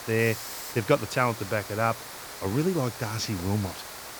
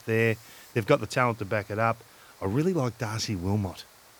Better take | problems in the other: second | hiss; loud; throughout; 9 dB below the speech; faint in the second

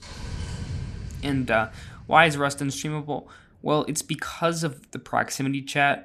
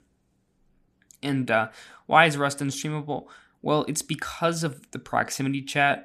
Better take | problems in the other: second | rain or running water; noticeable; throughout; 15 dB below the speech

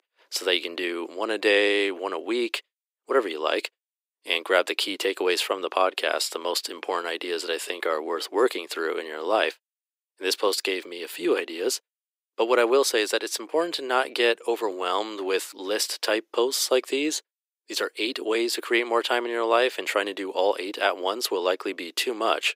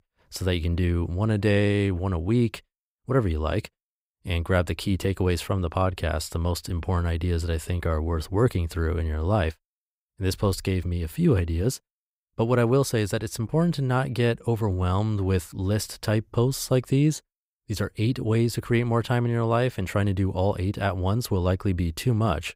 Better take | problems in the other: second | thin; very; fading below 350 Hz

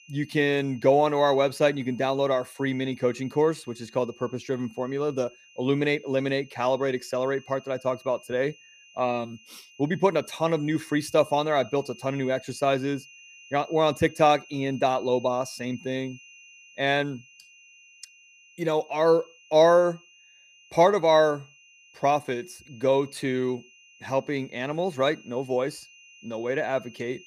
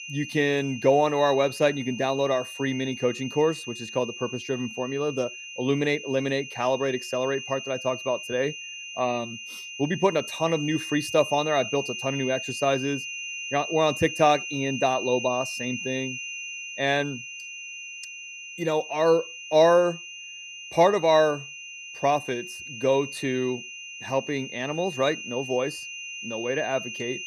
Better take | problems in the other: first | high-pitched whine; loud; throughout; 3 kHz, 9 dB below the speech; faint in the first

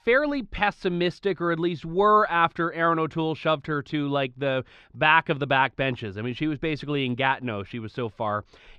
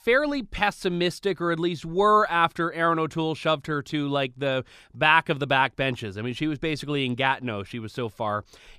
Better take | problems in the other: second | muffled; very slightly; fading above 3.5 kHz

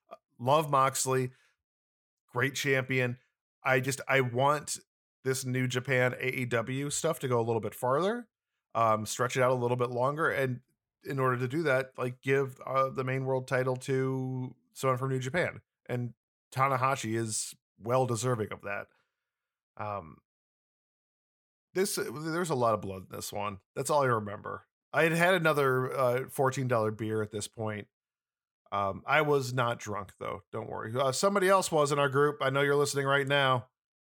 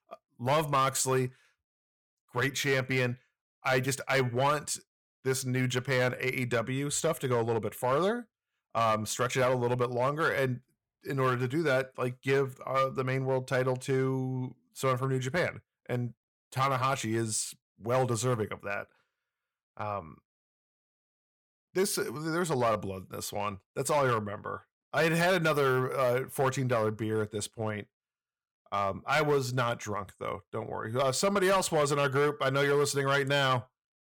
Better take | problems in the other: first | distortion; slight; 4% of the sound clipped

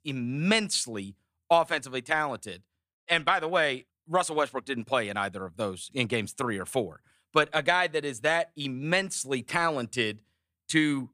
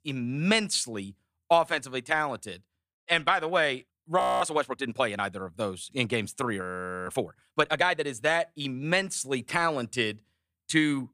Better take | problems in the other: first | audio freezing; at 4 s and at 6.5 s

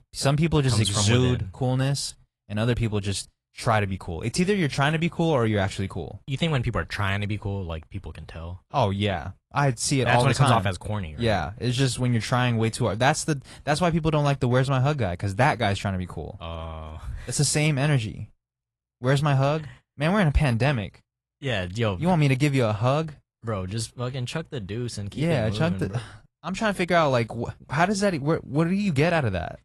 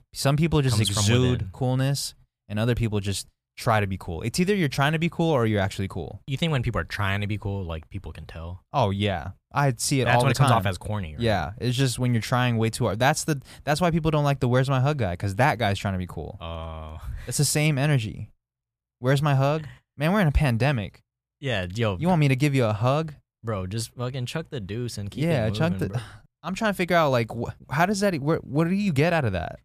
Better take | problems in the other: second | garbled, watery; slightly; nothing above 11 kHz

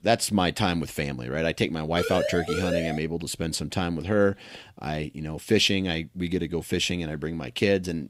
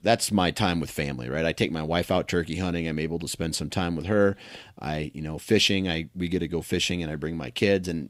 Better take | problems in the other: second | siren; noticeable; from 2 to 3 s; peak 2 dB below the speech

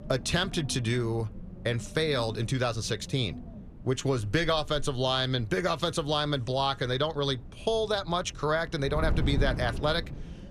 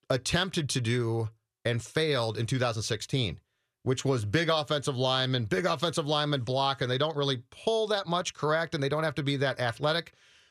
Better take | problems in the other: second | wind noise on the microphone; occasional gusts; 20 dB below the speech

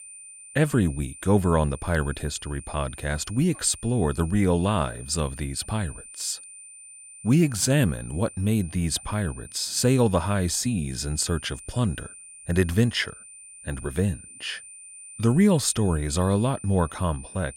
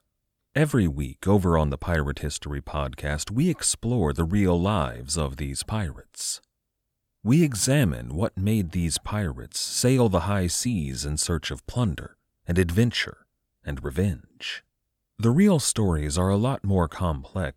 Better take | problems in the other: second | high-pitched whine; noticeable; throughout; 9 kHz, 15 dB below the speech

